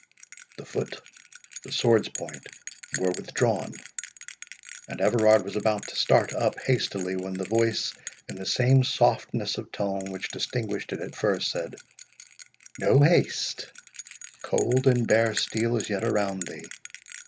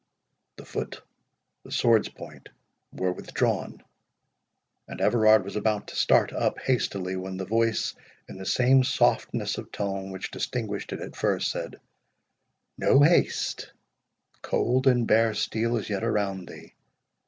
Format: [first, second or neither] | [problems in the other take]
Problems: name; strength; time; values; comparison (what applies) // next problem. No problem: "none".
second | background sound (Bell); 16 dB below the speech